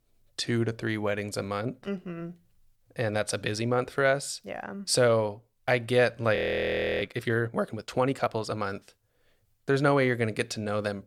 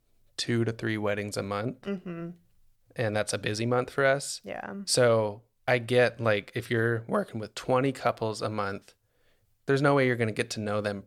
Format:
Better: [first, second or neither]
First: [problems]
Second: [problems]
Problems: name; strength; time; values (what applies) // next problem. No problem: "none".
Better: second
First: audio freezing; at 6.5 s for 0.5 s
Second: none